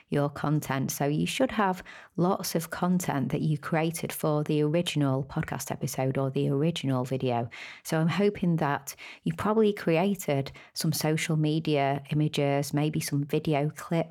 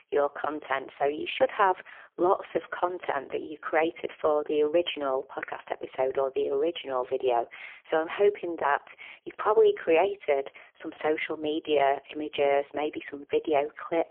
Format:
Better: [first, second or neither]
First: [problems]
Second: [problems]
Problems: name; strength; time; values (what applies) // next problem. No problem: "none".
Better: first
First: none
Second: phone-call audio; poor line; nothing above 3.5 kHz